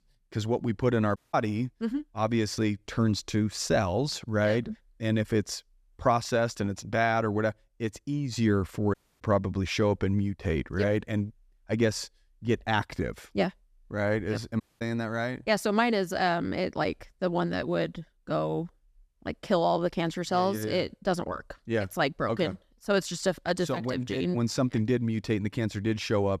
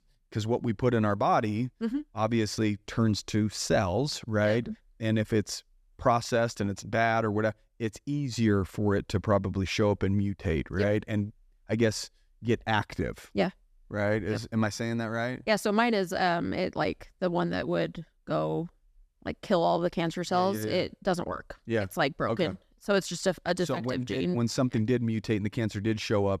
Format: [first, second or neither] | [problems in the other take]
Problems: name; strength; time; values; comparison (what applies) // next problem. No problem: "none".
second | audio cutting out; at 1 s, at 9 s and at 15 s